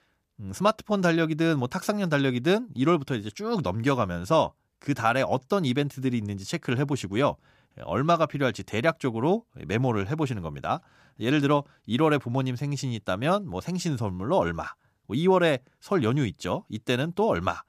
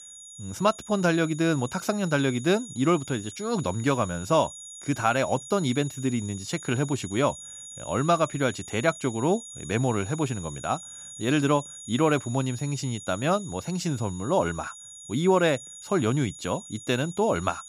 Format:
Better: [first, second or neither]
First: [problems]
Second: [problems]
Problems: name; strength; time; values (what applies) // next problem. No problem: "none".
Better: first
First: none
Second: high-pitched whine; noticeable; throughout; 7 kHz, 15 dB below the speech